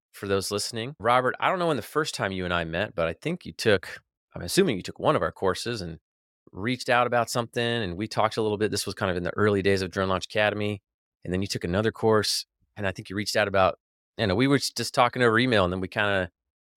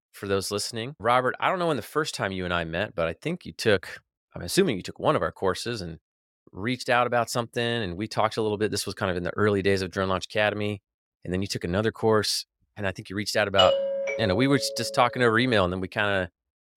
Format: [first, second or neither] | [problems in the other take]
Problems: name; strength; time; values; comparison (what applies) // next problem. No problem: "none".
first | doorbell; loud; from 14 to 15 s; peak 4 dB above the speech